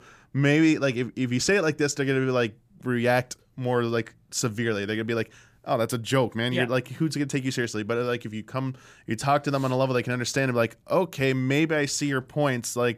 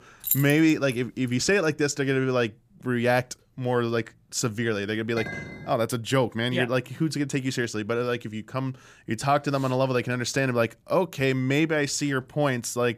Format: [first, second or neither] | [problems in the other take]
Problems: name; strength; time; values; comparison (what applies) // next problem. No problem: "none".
first | jangling keys; noticeable; at 0.5 s; peak level with the speech // clattering dishes; noticeable; at 5 s; peak 8 dB below the speech